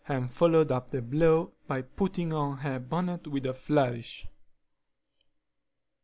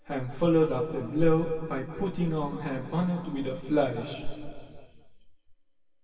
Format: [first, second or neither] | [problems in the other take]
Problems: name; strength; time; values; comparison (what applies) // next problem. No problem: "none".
first | room echo; dies away in 2.6 s